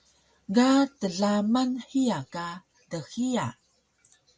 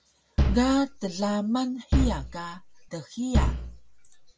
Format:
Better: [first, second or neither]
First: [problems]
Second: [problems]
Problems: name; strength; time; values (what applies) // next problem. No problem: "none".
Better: first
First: none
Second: background sound (Bass drum); 2 dB above the speech